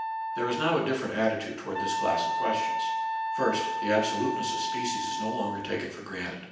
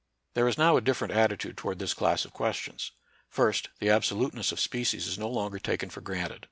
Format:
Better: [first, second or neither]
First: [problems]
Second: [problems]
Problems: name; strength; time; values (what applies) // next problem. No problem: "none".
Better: second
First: background sound (Wind instrument, woodwind instrument); 1 dB below the speech // room echo; dies away in 0.9 s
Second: none